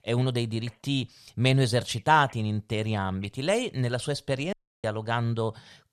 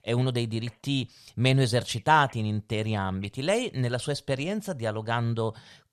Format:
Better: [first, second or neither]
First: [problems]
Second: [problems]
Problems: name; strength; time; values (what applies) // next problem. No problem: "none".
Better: second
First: audio cutting out; at 4.5 s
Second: none